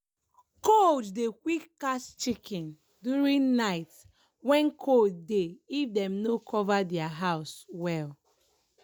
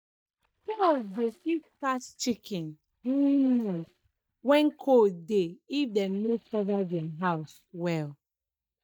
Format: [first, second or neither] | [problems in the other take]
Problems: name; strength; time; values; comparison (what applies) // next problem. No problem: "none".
first | noise reduction (neural mask model DeepFilterNet 3)